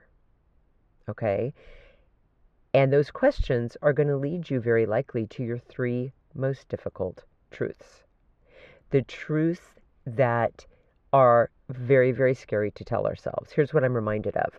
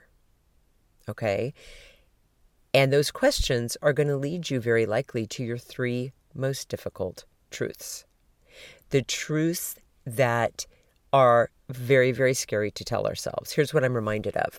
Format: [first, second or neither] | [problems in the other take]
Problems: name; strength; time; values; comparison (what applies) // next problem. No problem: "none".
second | muffled; very; fading above 1.5 kHz